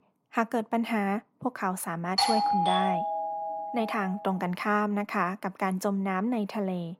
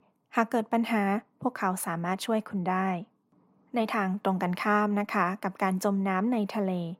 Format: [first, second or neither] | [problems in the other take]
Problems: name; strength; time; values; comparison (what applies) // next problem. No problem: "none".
second | doorbell; loud; from 2 to 4 s; peak 5 dB above the speech